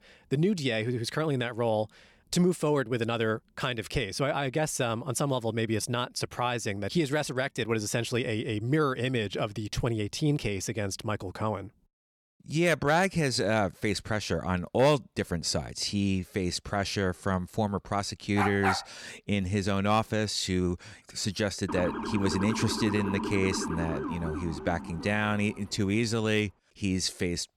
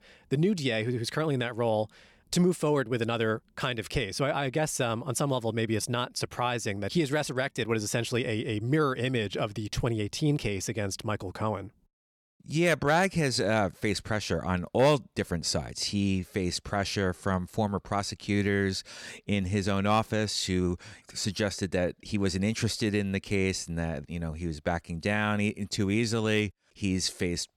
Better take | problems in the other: second | dog barking; loud; at 18 s; peak 1 dB above the speech // siren; noticeable; from 22 to 26 s; peak 4 dB below the speech

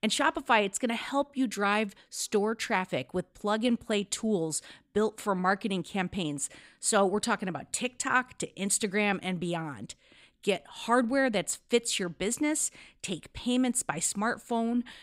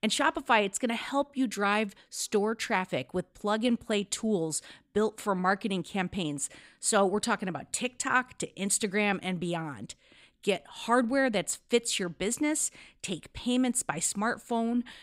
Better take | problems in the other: neither | none

